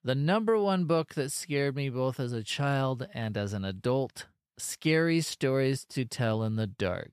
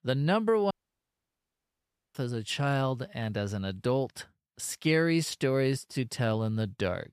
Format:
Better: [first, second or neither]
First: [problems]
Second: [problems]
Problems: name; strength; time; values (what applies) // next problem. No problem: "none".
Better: first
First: none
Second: audio cutting out; at 0.5 s for 1.5 s